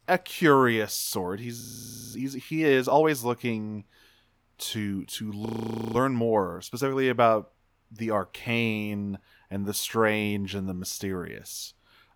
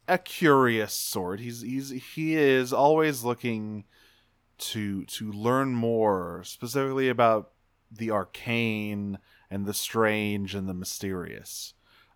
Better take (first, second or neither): second